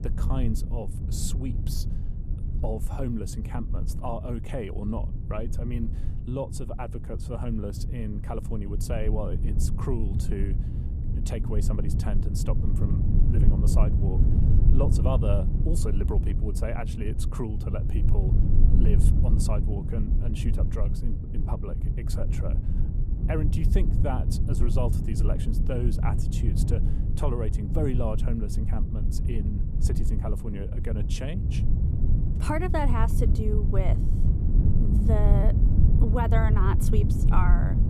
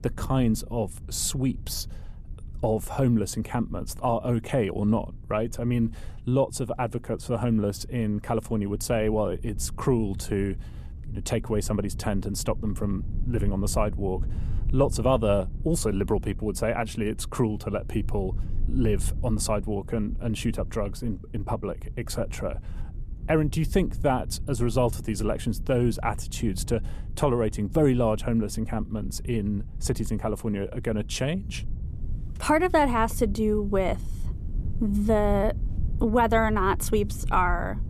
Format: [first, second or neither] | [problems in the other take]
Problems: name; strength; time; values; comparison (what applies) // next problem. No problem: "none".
second | low rumble; loud; throughout; 5 dB below the speech; faint in the second